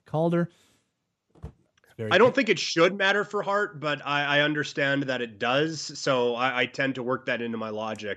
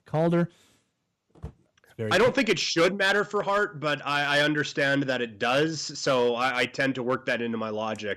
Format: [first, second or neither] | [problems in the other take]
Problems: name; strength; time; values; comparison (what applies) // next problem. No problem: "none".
first | distortion; slight; 4% of the sound clipped